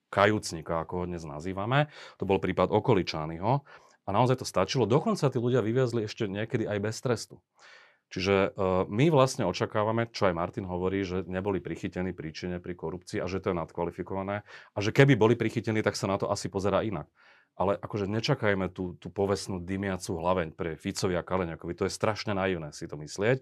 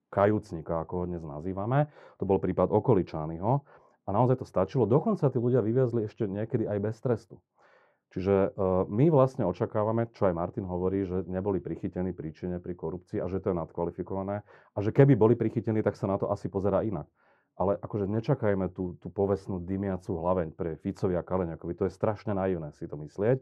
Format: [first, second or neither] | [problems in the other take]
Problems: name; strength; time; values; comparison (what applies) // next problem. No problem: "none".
first | muffled; very; fading above 1.5 kHz